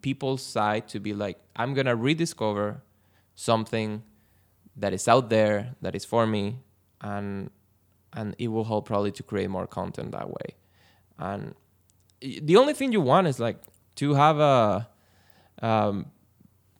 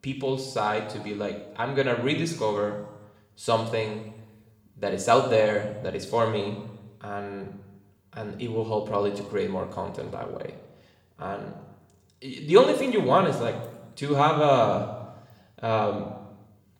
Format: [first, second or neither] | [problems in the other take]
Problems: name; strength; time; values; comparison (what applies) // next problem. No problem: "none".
first | room echo; slight; dies away in 0.9 s // off-mic speech; somewhat distant